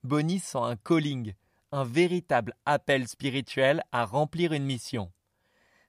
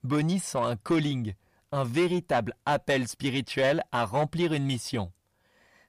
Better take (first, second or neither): first